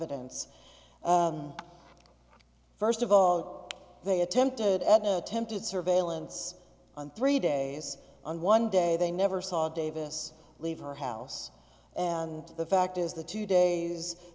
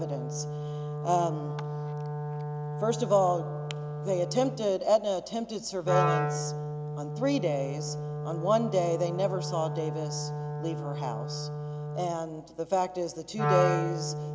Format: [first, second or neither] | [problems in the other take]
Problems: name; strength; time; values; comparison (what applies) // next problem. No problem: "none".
first | background sound (Wind instrument, woodwind instrument); 2 dB below the speech